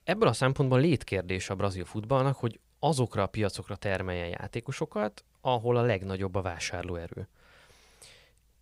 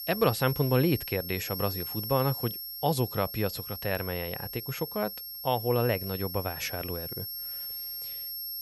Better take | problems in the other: first | high-pitched whine; loud; throughout; 11.5 kHz, 5 dB below the speech

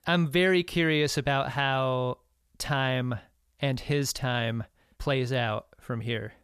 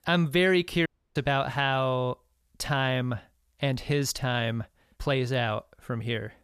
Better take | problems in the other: first | audio cutting out; at 1 s

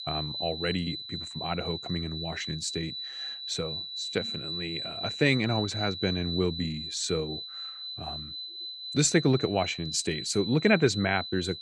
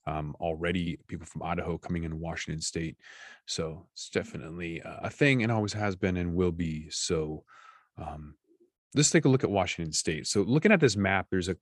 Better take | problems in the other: second | high-pitched whine; loud; throughout; 4 kHz, 6 dB below the speech

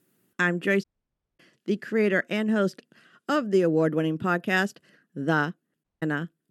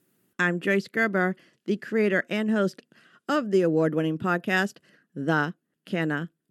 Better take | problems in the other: second | audio cutting out; at 1 s for 0.5 s and at 6 s

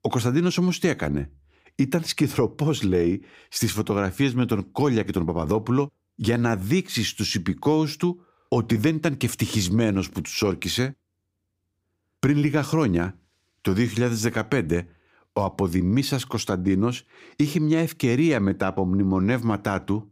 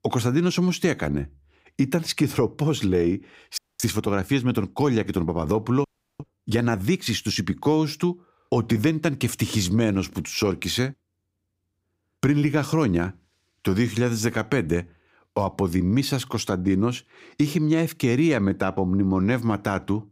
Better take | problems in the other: first | audio freezing; at 3.5 s and at 6 s

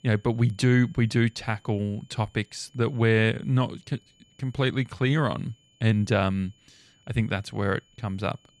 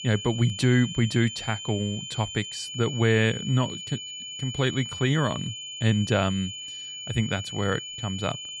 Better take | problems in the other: first | high-pitched whine; loud; throughout; 3 kHz, 8 dB below the speech; faint in the first

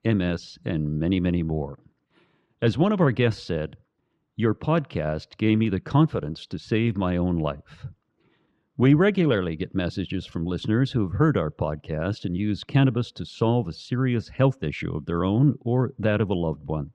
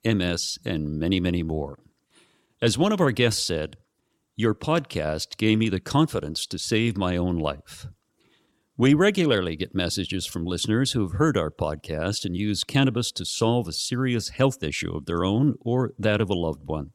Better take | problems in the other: second | muffled; slightly; fading above 2.5 kHz

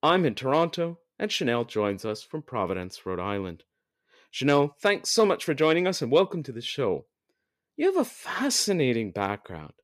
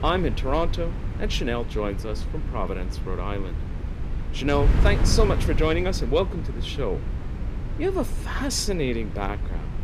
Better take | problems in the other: first | wind noise on the microphone; occasional gusts; 10 dB below the speech

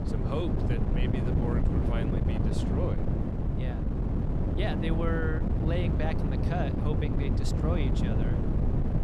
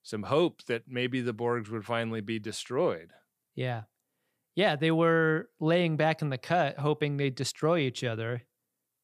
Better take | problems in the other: second | wind noise on the microphone; heavy; as loud as the speech

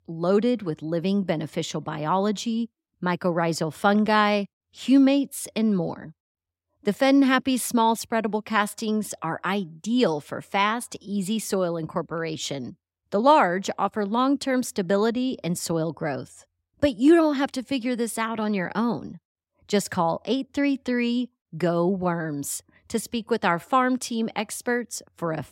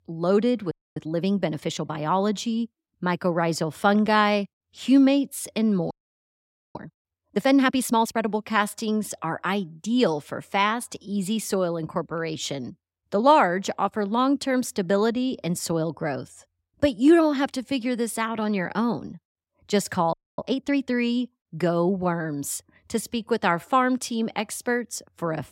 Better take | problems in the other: first | audio freezing; at 0.5 s, at 6 s for 1 s and at 20 s

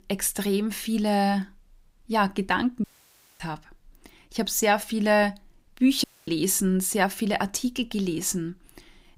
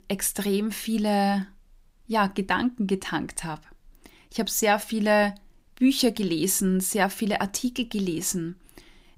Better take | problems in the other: second | audio cutting out; at 3 s for 0.5 s and at 6 s

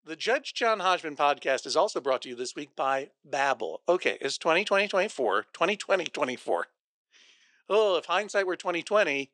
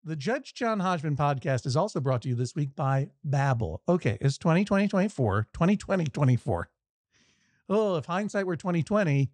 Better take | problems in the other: second | thin; very; fading below 350 Hz

